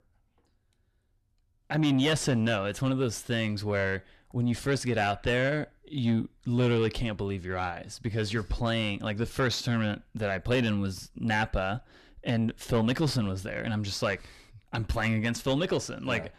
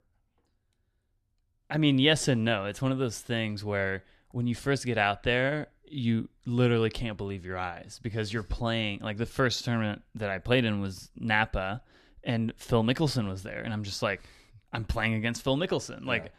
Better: second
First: distortion; slight; 10 dB below the speech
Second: none

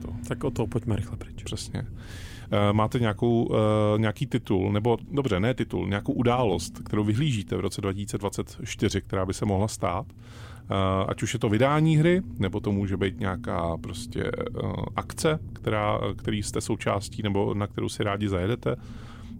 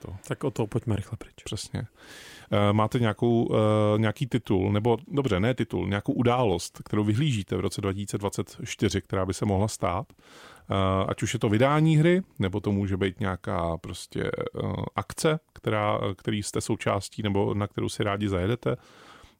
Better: second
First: low rumble; faint; throughout; 25 dB below the speech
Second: none

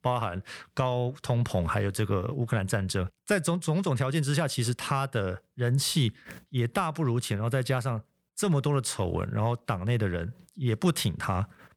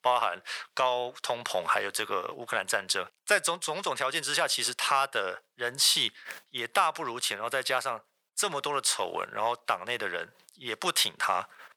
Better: first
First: none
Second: thin; very; fading below 750 Hz

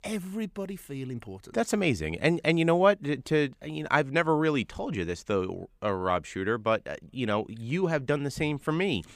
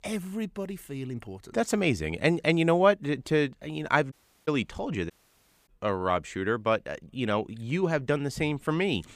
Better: first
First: none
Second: audio cutting out; at 4 s and at 5 s for 0.5 s

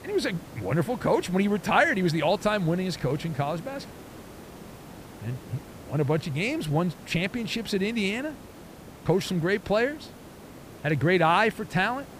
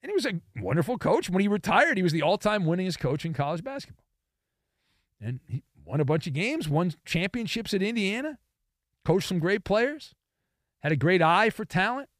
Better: second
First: hiss; noticeable; throughout; 20 dB below the speech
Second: none

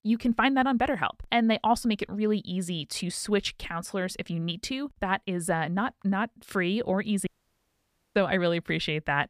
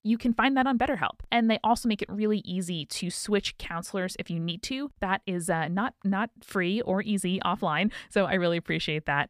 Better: second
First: audio cutting out; at 7.5 s for 1 s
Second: none

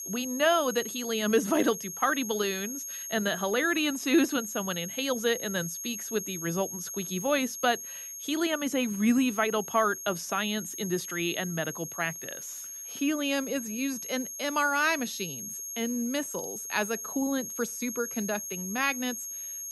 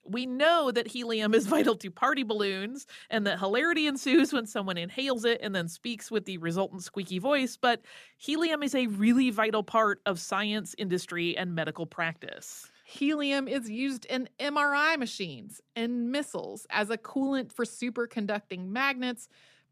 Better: second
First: high-pitched whine; loud; throughout; 6.5 kHz, 7 dB below the speech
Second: none

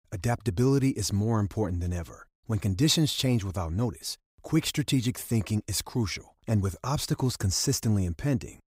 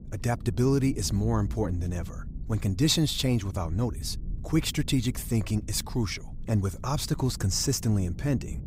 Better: first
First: none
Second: low rumble; faint; throughout; 20 dB below the speech

